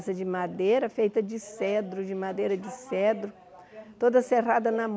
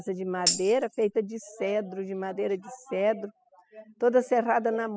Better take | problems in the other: first | noise reduction (classical method spectral subtraction)

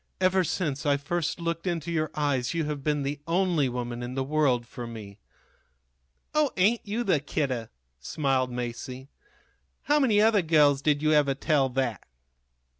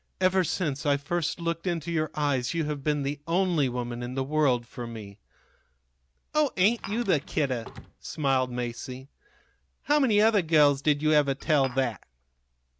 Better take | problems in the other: first | background sound (Drawer open or close + Glass); 18 dB below the speech

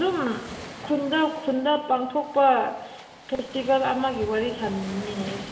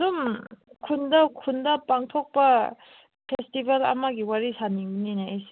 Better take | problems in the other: second | background sound (Waves, surf); 15 dB below the speech // room echo; dies away in 1.5 s

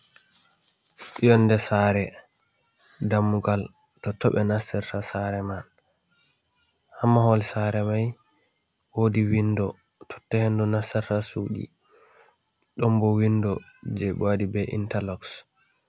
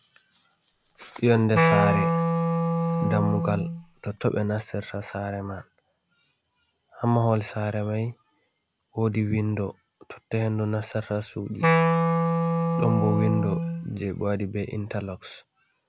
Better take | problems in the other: first | background sound (Wind instrument, woodwind instrument); 3 dB above the speech

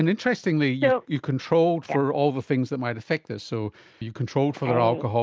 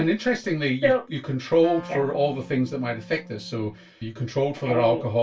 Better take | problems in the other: first | background sound (Wind instrument, woodwind instrument); 19 dB below the speech // room echo; dies away in 0.2 s

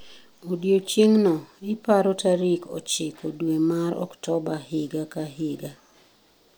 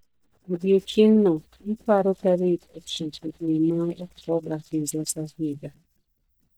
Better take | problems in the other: first | noise reduction (neural mask model DeepFilterNet 3)

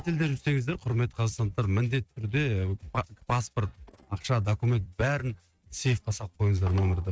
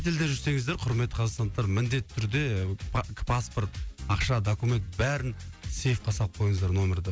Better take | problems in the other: second | noise reduction (neural mask model RNNoise)

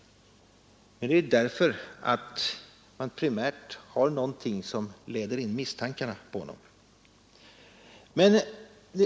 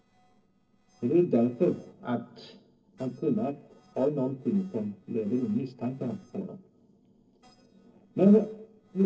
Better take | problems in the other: first | noise reduction (neural separator model SepFormer DNS4)

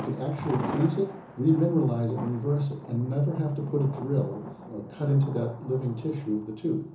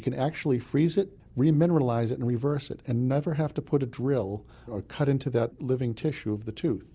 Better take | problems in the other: second | background sound (Thunder); 13 dB below the speech // room echo; dies away in 0.7 s

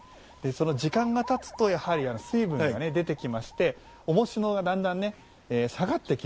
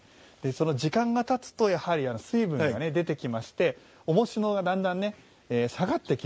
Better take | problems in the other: second | background sound (Alarm); 19 dB below the speech

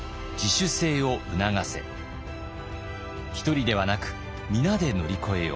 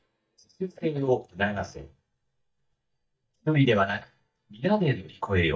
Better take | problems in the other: first | noise reduction (neural mask model DeepFilterNet 3)

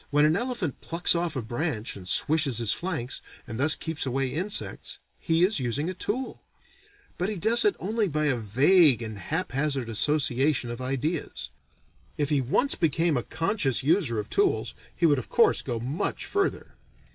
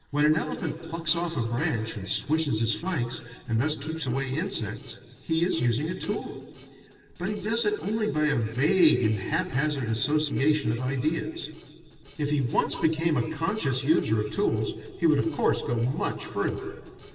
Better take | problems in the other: first | noise reduction (neural separator model SepFormer DNS4)

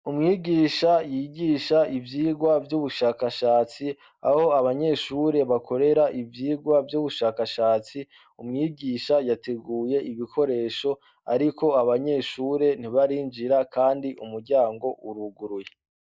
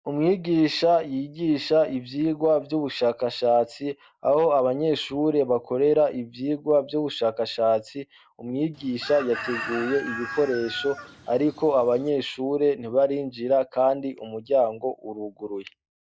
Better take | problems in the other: first | background sound (Chicken, rooster); 12 dB below the speech

